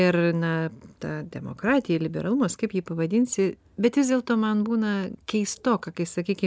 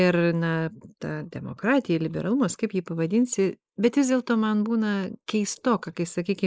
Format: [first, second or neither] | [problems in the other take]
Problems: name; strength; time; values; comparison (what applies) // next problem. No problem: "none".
first | noise reduction (neural mask model Resemble Enhance denoiser)